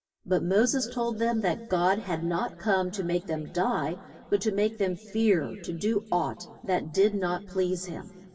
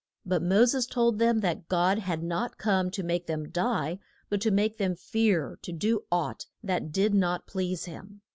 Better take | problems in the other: second | room echo; dies away in 2.5 s

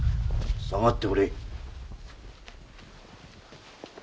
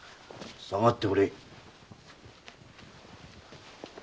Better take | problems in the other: second | background sound (Boom); 1 dB below the speech

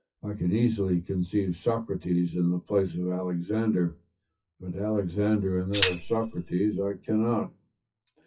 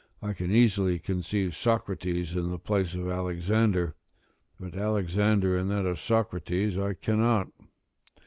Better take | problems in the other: second | noise reduction (classical method WPE with log-MMSE)

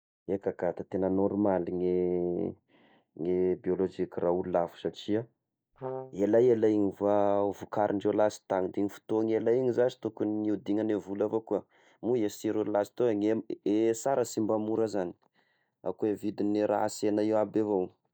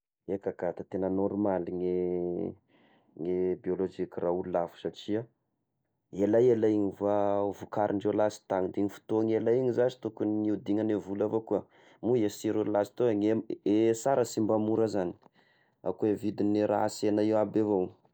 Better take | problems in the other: second | noise reduction (neural mask model DeepFilterNet 3)

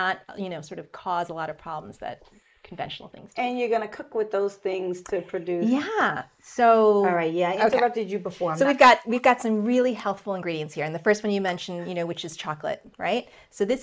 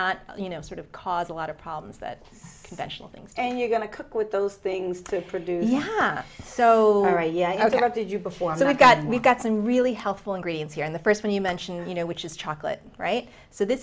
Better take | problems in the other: second | noise reduction (neural mask model Resemble Enhance denoiser)

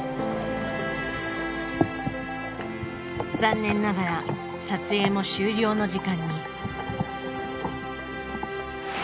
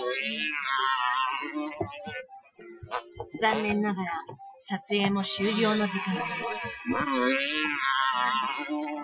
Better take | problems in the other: first | noise reduction (classical method Wiener filter)

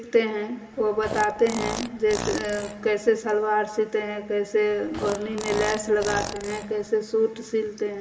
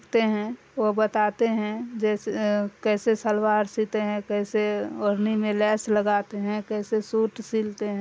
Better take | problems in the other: second | background sound (Fart); 9 dB below the speech // room echo; dies away in 1.9 s

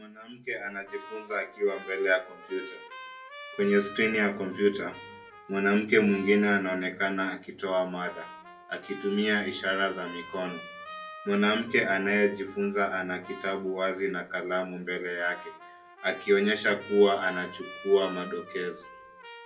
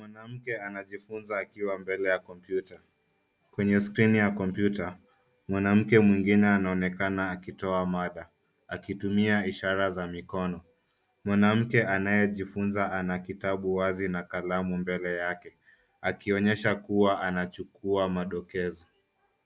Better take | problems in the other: second | background sound (Trumpet); 18 dB below the speech // room echo; dies away in 0.2 s

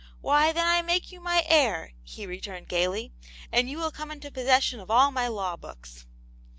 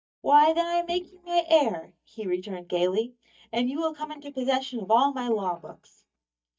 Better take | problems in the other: first | noise reduction (neural mask model DeepFilterNet 3)

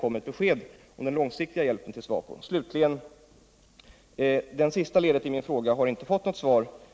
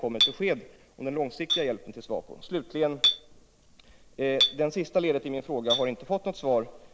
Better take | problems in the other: first | background sound (Chink, clink); 3 dB below the speech

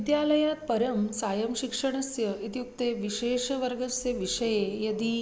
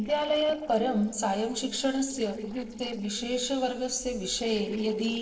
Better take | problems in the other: first | noise reduction (neural separator model SepFormer DNS4)

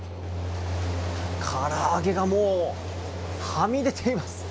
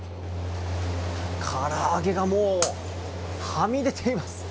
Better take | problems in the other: first | background sound (Shatter); 10 dB below the speech

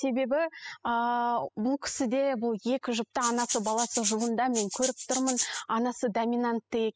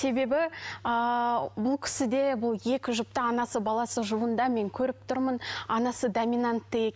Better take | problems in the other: second | noise reduction (classical method spectral subtraction)

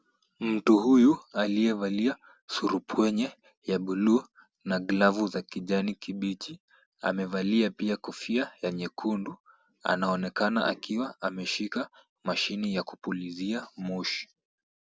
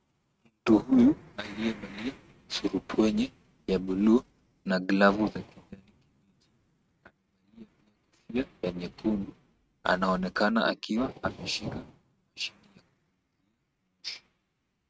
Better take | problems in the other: first | noise reduction (neural mask model RNNoise)

